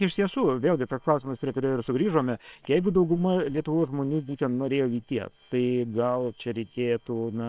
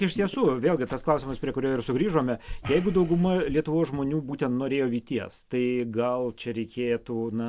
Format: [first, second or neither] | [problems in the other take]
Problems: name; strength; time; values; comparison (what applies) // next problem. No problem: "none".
second | noise reduction (neural separator model SepFormer WHAM!)